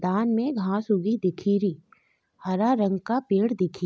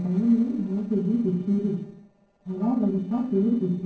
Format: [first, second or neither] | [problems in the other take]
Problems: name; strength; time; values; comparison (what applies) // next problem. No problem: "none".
first | noise reduction (neural separator model SepFormer DNS4)